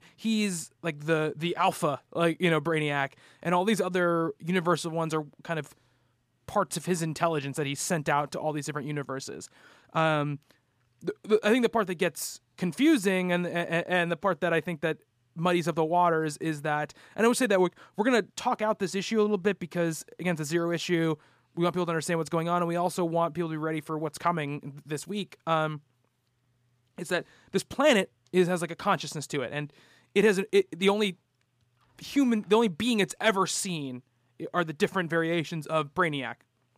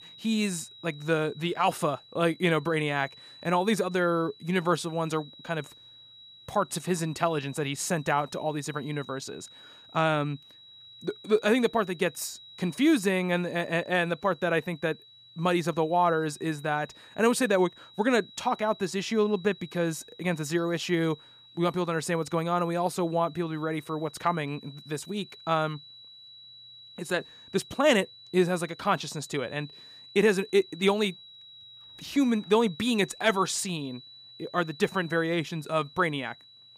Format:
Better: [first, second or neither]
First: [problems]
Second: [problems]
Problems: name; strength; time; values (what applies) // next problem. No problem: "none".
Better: first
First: none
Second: high-pitched whine; faint; throughout; 4 kHz, 20 dB below the speech